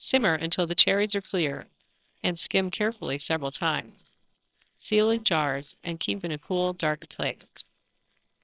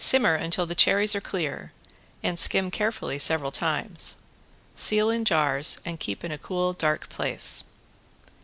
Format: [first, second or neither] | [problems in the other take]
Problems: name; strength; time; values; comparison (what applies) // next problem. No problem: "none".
second | noise reduction (neural separator model SepFormer WHAMR!)